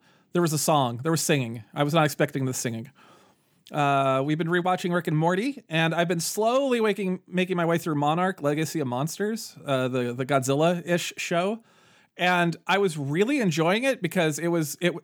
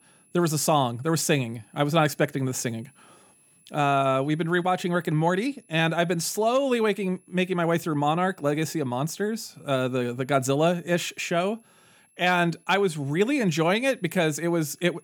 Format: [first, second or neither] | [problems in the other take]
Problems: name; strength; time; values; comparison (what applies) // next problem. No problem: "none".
first | high-pitched whine; faint; throughout; 11 kHz, 35 dB below the speech